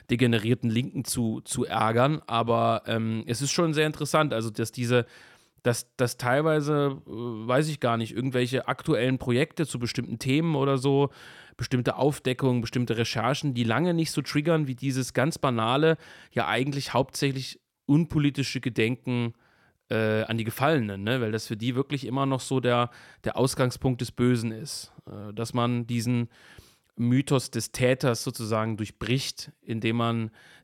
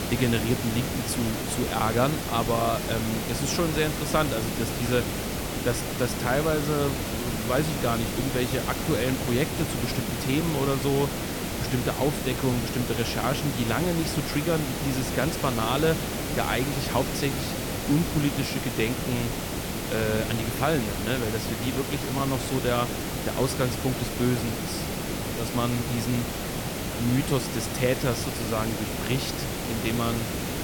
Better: first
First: none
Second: hiss; loud; throughout; 2 dB below the speech

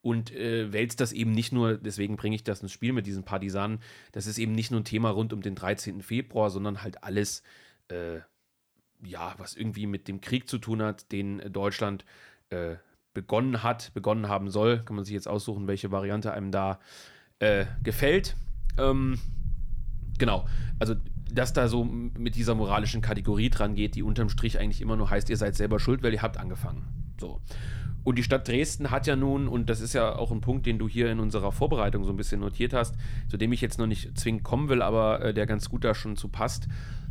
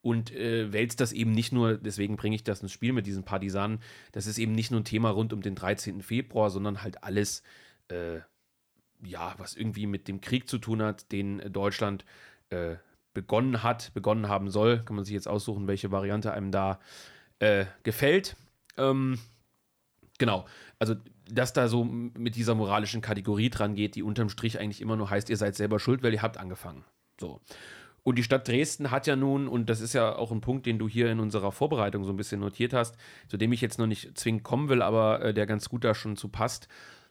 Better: second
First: low rumble; faint; from 17 s on; 20 dB below the speech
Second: none

